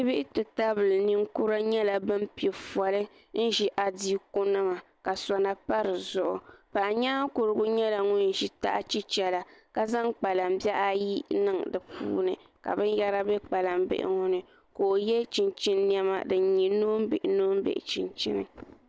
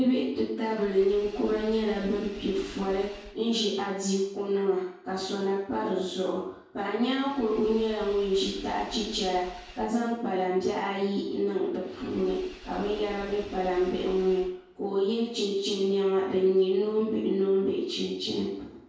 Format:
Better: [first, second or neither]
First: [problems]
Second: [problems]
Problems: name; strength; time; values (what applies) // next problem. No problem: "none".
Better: first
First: none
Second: background sound (Engine / Vehicle); 20 dB below the speech // room echo; dies away in 0.6 s